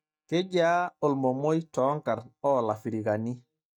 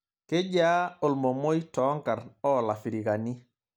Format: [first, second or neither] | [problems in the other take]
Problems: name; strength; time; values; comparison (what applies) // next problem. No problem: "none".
second | noise reduction (neural mask model DeepFilterNet 3)